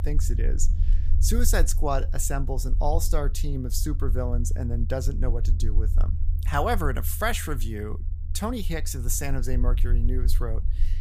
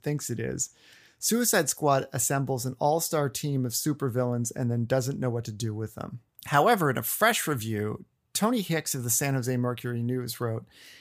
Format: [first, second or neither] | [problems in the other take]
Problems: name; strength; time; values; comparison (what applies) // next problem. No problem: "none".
second | low rumble; noticeable; throughout; 15 dB below the speech